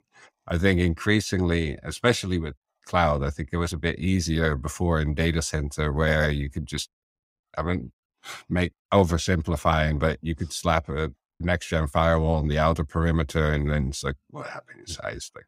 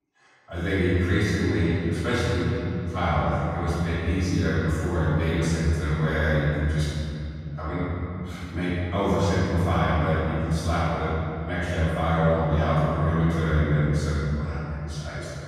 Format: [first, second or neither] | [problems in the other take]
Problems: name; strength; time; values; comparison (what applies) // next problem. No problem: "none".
first | off-mic speech; far // room echo; strong; dies away in 3 s